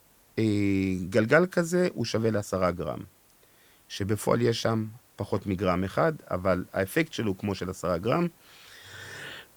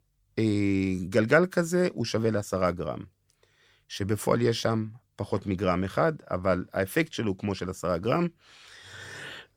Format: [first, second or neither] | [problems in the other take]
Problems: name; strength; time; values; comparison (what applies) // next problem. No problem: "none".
second | hiss; faint; throughout; 30 dB below the speech